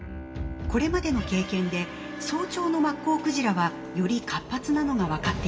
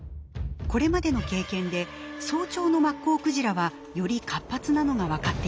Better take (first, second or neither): second